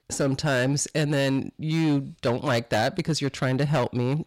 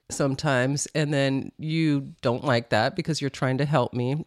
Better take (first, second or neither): second